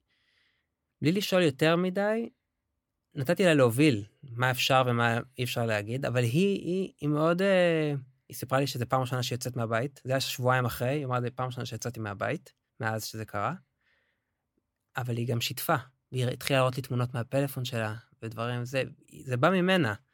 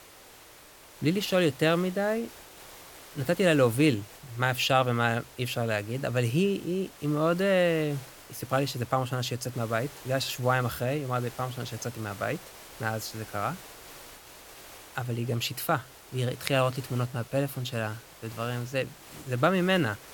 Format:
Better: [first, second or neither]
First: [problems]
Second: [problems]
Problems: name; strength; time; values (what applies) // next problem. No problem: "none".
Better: first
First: none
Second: hiss; noticeable; throughout; 20 dB below the speech